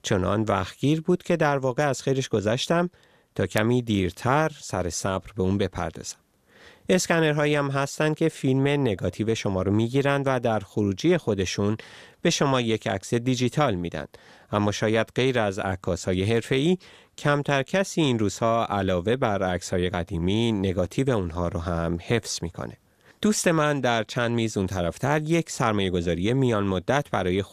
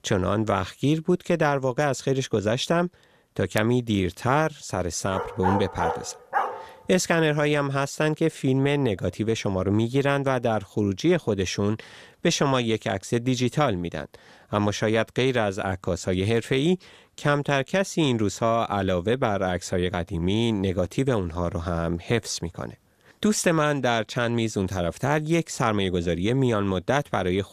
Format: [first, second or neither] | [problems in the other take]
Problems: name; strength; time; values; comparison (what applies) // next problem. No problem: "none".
first | dog barking; noticeable; from 5 to 6.5 s; peak 2 dB below the speech